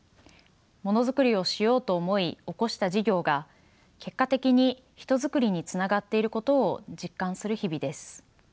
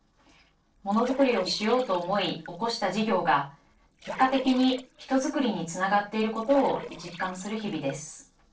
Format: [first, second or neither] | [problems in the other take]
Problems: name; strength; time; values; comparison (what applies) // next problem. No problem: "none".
first | noise reduction (neural separator model SepFormer DNS4)